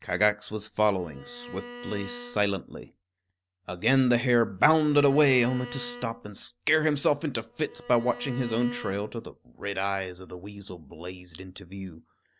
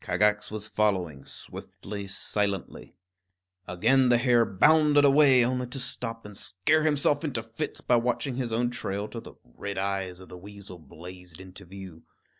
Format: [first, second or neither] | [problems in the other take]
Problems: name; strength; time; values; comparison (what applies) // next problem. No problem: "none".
second | background sound (Bowed string instrument); 16 dB below the speech